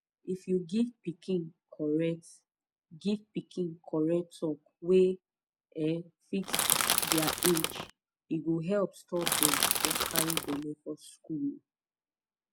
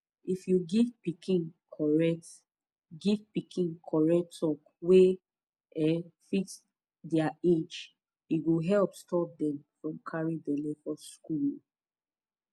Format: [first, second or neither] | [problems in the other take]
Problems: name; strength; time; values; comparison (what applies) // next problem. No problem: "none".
second | background sound (Crushing); 4 dB above the speech